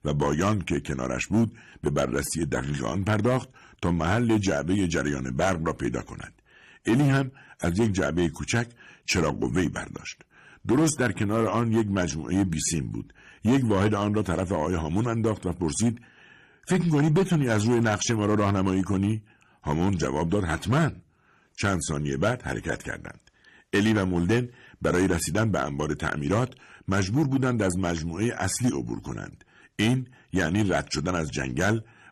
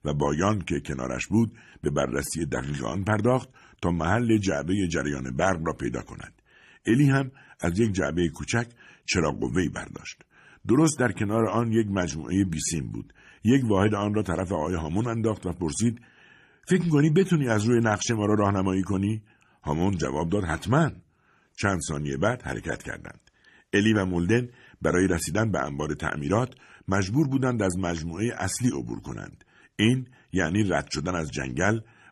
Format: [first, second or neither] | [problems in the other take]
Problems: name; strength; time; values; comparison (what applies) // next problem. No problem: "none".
second | distortion; slight; 5% of the sound clipped